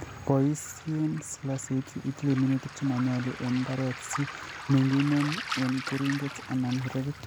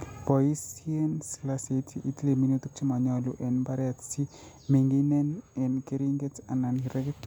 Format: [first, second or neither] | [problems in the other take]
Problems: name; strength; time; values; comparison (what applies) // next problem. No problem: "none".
second | background sound (Waves, surf); 11 dB below the speech